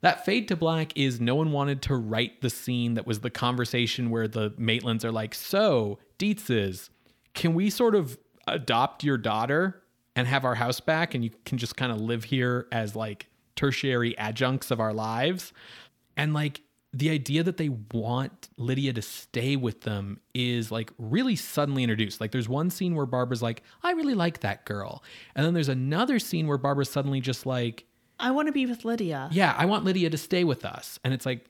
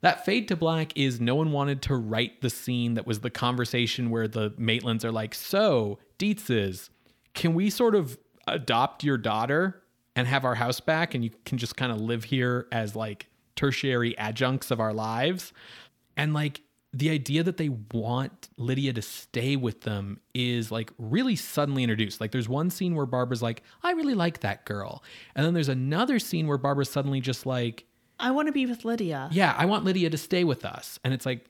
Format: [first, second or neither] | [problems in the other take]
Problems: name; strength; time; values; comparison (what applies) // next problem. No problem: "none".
neither | none